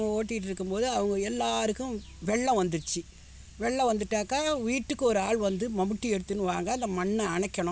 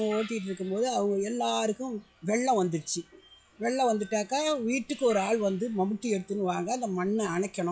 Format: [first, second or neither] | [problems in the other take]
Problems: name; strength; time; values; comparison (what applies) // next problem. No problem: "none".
first | noise reduction (classical method log-MMSE)